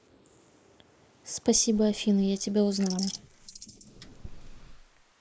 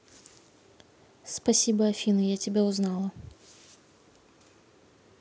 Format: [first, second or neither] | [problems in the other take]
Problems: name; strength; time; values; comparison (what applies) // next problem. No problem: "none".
second | noise reduction (neural mask model Resemble Enhance denoiser)